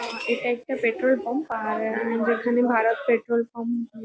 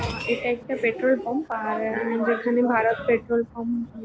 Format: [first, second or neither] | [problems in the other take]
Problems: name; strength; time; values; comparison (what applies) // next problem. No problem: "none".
first | background sound (Rain); 18 dB below the speech